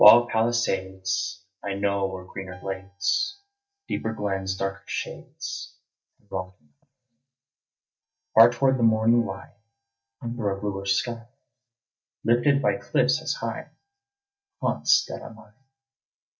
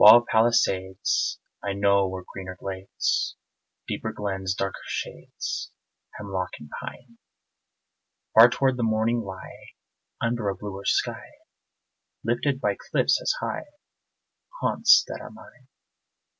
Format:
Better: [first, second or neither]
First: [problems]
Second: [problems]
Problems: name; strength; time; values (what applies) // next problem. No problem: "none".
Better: second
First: noise reduction (neural mask model DeepFilterNet 3)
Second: none